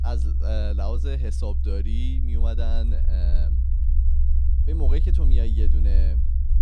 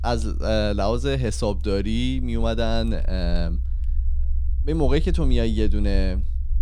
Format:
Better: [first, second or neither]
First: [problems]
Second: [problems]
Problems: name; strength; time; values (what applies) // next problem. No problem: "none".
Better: second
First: low rumble; loud; throughout; 5 dB below the speech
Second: low rumble; faint; throughout; 20 dB below the speech